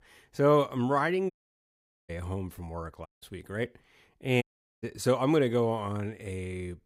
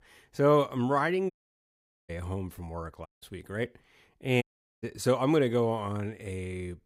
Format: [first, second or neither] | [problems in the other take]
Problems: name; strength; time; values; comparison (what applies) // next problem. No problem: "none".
neither | audio cutting out; at 1.5 s for 1 s, at 3 s and at 4.5 s; the same in both